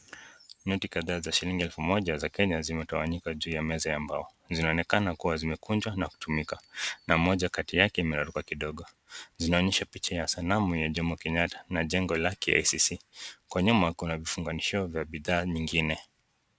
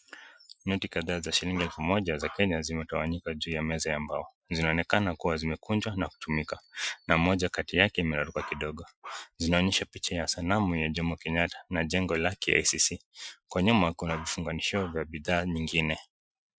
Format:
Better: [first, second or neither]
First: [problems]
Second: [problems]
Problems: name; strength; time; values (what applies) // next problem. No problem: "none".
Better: first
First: none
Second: noise reduction (classical method Wiener filter)